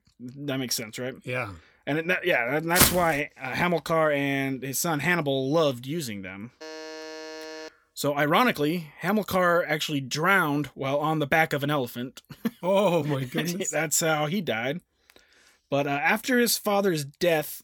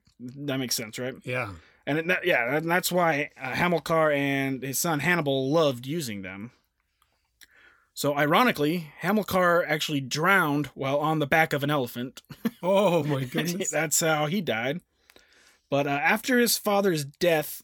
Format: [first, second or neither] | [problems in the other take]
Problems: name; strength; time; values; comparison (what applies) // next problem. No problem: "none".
second | footsteps; loud; at 3 s; peak 5 dB above the speech // alarm; faint; from 6.5 to 7.5 s; peak 15 dB below the speech